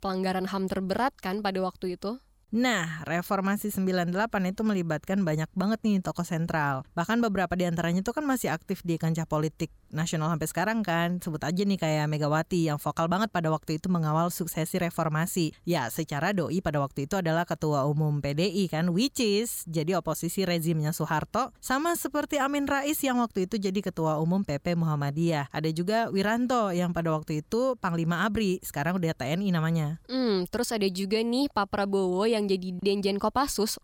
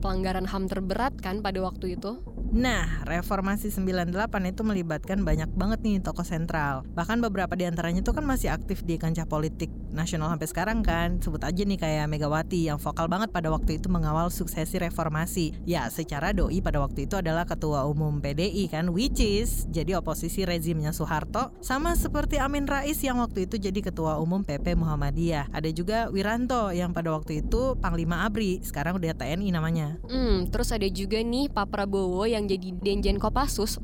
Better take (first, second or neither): first